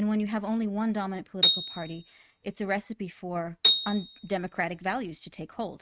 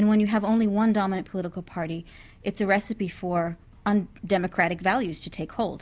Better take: second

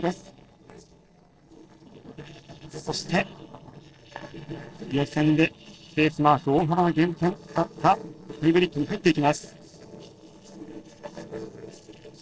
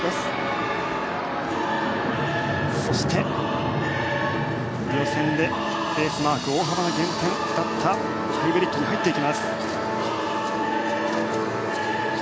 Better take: second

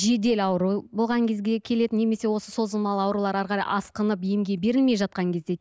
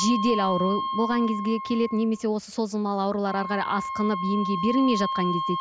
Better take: first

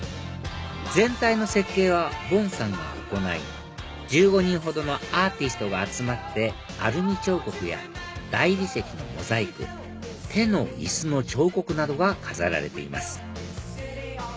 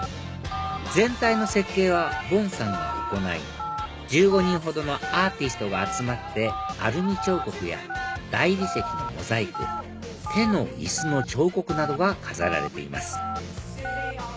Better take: first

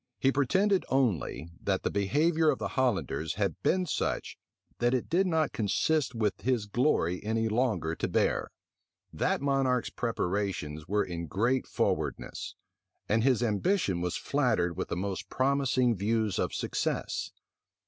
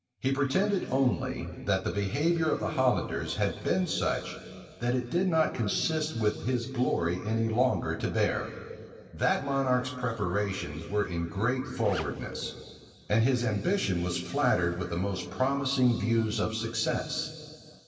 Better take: first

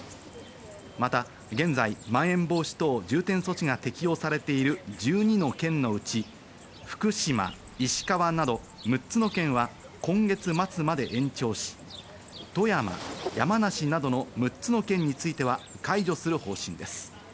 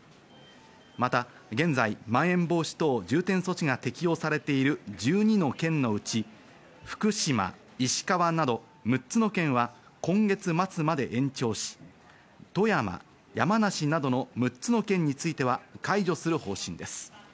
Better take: second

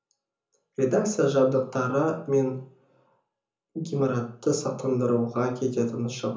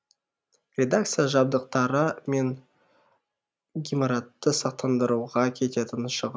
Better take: second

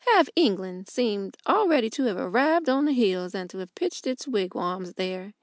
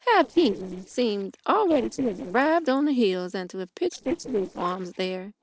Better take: first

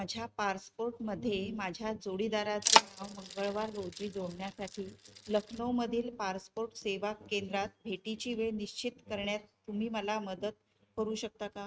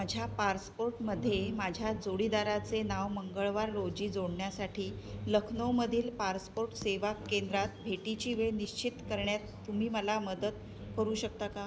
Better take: second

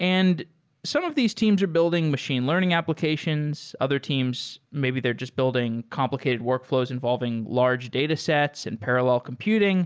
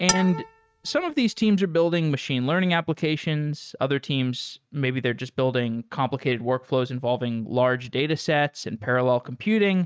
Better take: first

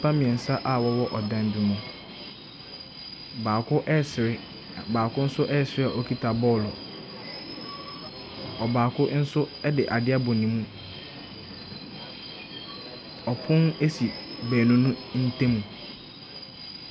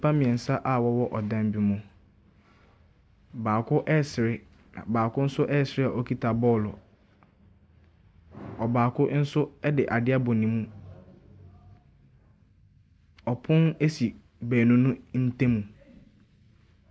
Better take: second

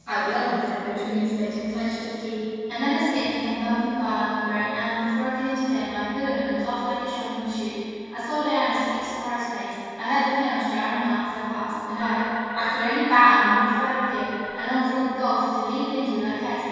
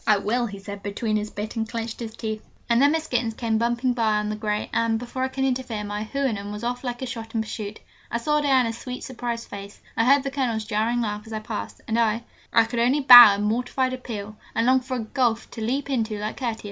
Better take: second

